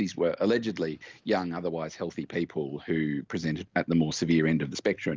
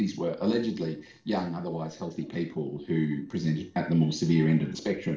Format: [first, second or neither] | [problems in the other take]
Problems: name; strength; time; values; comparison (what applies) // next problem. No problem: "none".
first | noise reduction (neural separator model SepFormer DNS4)